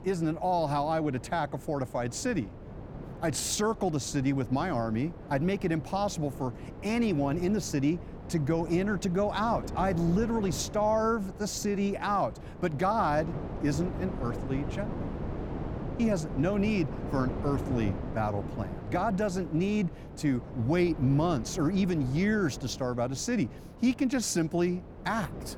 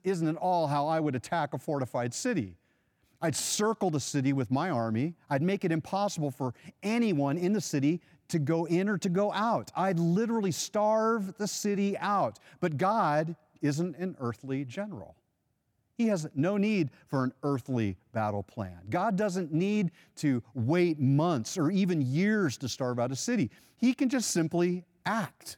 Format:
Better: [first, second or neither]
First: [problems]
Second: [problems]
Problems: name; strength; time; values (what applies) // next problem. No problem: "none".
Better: second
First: wind noise on the microphone; occasional gusts; 15 dB below the speech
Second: none